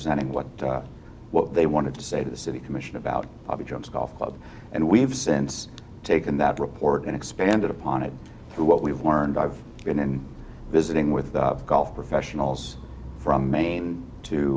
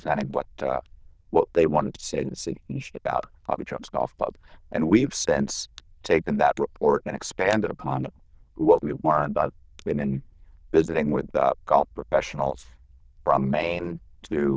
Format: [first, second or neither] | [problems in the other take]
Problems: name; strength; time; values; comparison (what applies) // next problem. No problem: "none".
first | noise reduction (neural diffusion model UNIVERSE++)